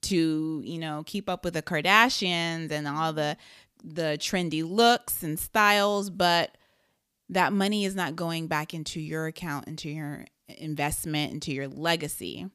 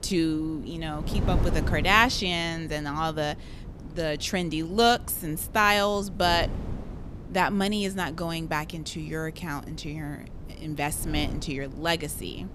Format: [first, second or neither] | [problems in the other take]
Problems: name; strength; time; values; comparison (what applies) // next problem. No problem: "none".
first | wind noise on the microphone; occasional gusts; 20 dB below the speech